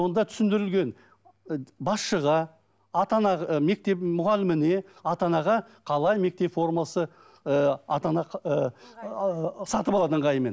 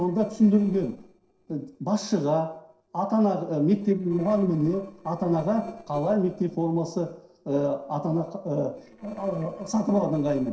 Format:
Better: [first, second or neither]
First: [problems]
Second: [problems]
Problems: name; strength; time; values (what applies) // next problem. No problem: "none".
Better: first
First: none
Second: noise reduction (neural separator model SepFormer DNS4)